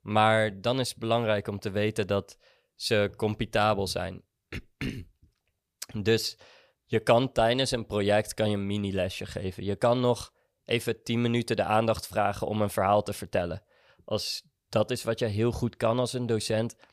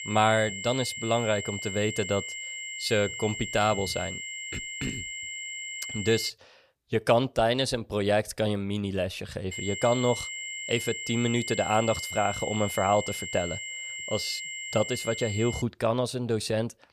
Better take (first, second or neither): first